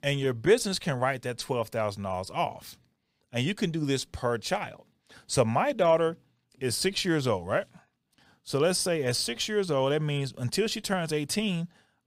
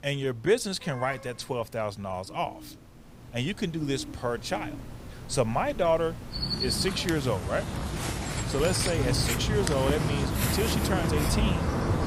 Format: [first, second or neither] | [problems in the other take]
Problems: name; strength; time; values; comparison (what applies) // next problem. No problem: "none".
first | animal sounds; loud; throughout; 1 dB below the speech